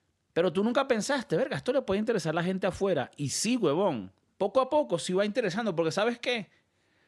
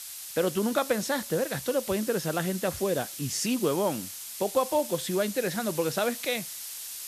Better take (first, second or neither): first